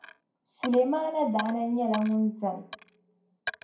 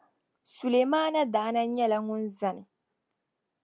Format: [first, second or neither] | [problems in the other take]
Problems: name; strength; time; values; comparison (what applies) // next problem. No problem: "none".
second | background sound (Coin (dropping)); 14 dB below the speech // room echo; dies away in 0.5 s